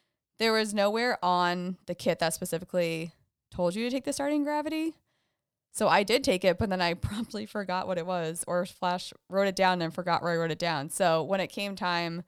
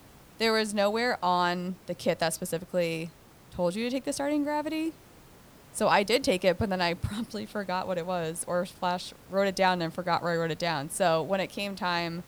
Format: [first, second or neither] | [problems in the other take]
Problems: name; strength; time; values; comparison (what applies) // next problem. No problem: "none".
first | hiss; faint; throughout; 25 dB below the speech